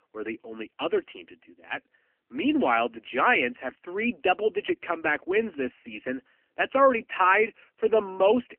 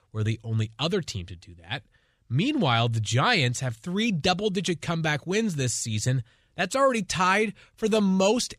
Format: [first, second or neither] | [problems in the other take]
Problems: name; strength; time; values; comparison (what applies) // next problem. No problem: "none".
second | phone-call audio; poor line; nothing above 3 kHz